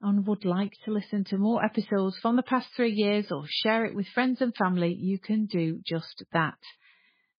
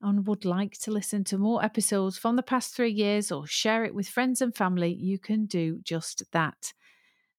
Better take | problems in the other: second | garbled, watery; badly; nothing above 4 kHz

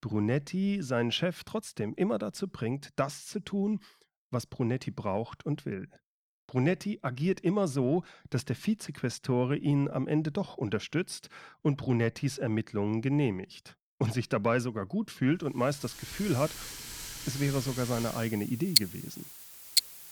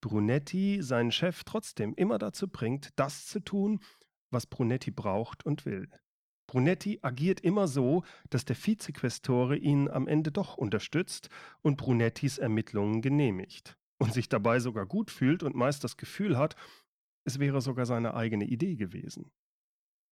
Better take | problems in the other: second | household noises; very loud; from 16 s on; as loud as the speech

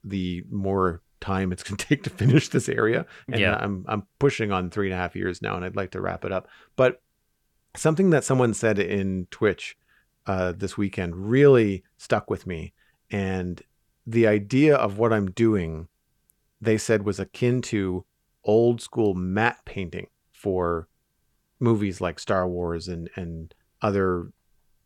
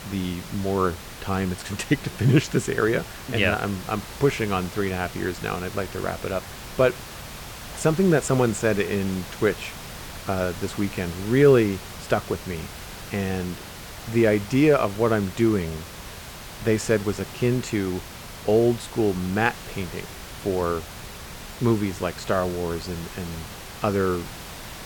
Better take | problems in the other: first | hiss; noticeable; throughout; 15 dB below the speech

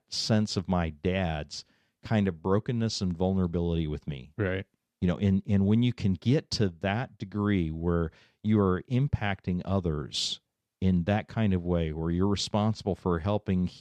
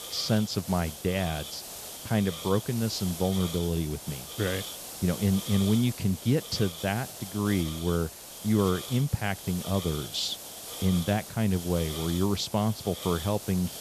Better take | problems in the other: first | hiss; loud; throughout; 9 dB below the speech

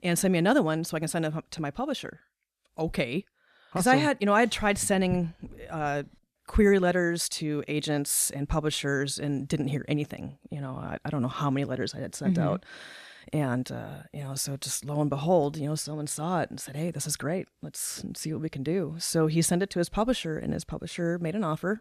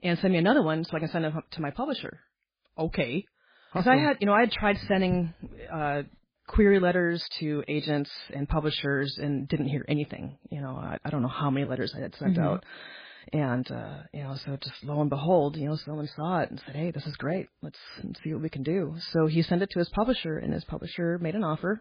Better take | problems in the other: first | garbled, watery; badly; nothing above 5 kHz

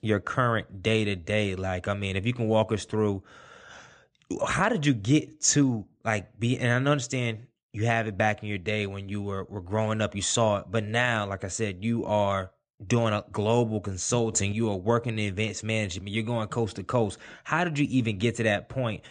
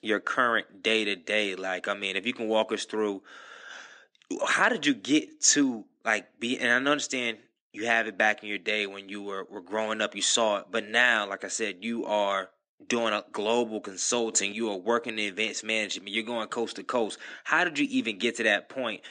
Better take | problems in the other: first | thin; very slightly; fading below 250 Hz

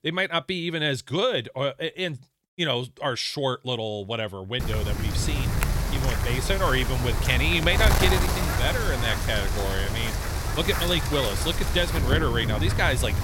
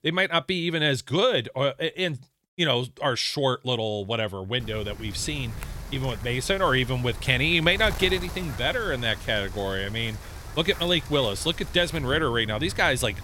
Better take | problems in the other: second | wind noise on the microphone; heavy; from 4.5 s on; 4 dB below the speech; occasional gusts in the second

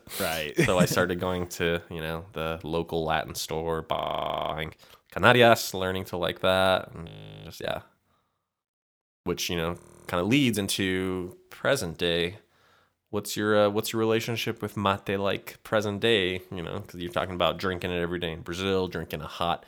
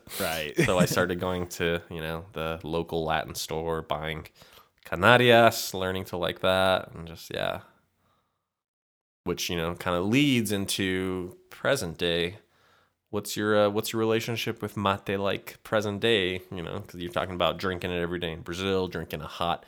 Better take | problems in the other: second | audio freezing; at 4 s for 0.5 s, at 7 s and at 10 s

